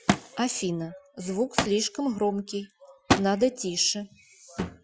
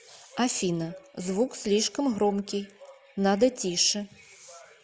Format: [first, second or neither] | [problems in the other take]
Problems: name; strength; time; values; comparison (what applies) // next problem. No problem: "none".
second | noise reduction (classical method Wiener filter)